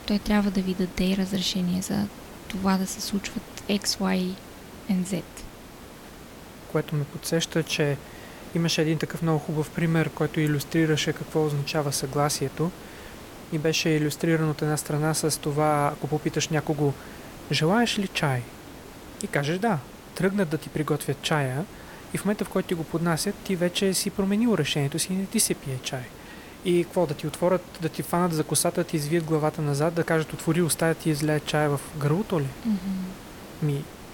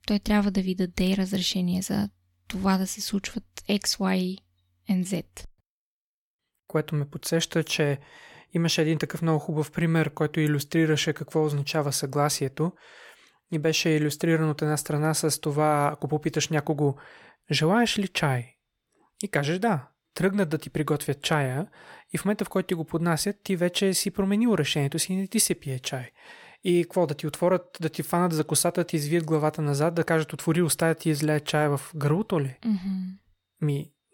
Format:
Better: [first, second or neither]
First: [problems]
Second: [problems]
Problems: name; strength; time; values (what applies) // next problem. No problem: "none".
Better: second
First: hiss; noticeable; throughout; 15 dB below the speech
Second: none